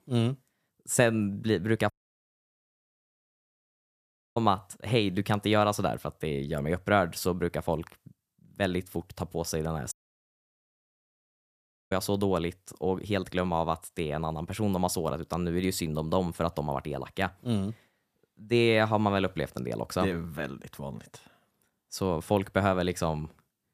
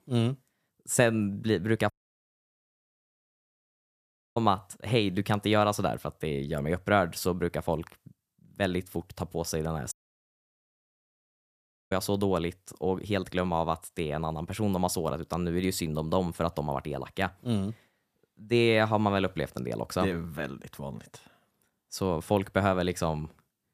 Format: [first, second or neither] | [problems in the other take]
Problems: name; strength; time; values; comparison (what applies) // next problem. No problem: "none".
neither | audio cutting out; at 2 s for 2.5 s and at 10 s for 2 s; the same in both